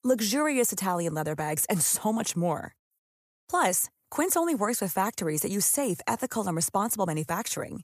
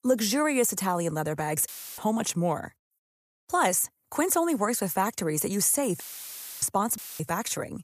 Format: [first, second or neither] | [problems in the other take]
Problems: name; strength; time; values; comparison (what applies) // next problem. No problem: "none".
first | audio cutting out; filled with static; at 1.5 s, at 6 s for 0.5 s and at 7 s